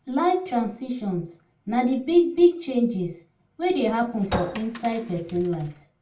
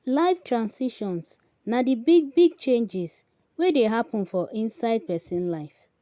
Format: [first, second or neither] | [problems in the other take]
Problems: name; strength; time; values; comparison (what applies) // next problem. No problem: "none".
second | background sound (Chink, clink); 11 dB below the speech // room echo; dies away in 0.3 s